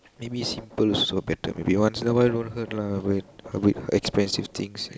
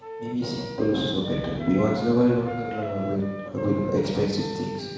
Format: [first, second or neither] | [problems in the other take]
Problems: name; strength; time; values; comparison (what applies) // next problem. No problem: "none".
first | background sound (Wind instrument, woodwind instrument); 10 dB below the speech // room echo; dies away in 1.1 s